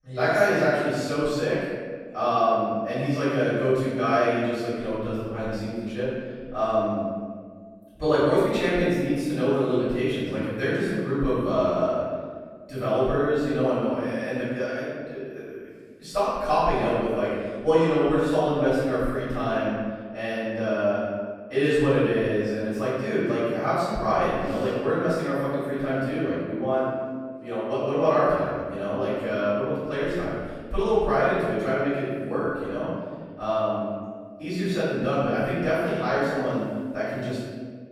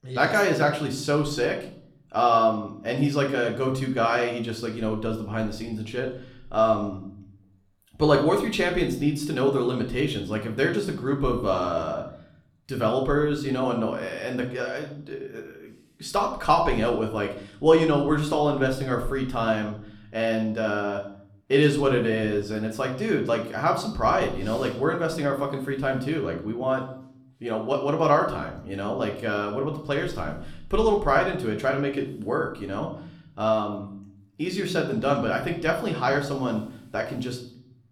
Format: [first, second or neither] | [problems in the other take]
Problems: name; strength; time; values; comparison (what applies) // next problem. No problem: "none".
second | room echo; strong; dies away in 1.6 s; slight in the second // off-mic speech; far; somewhat distant in the second